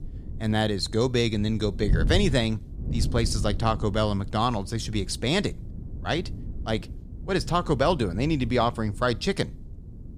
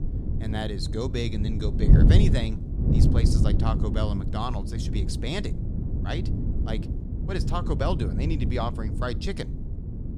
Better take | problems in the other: first | wind noise on the microphone; heavy; 4 dB below the speech; occasional gusts in the first

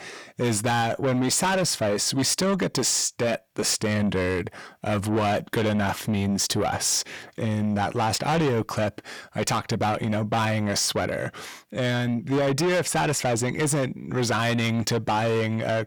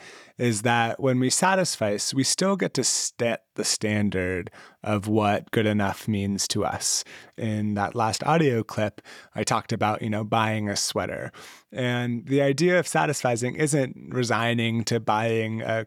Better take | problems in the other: second | distortion; heavy; 8 dB below the speech

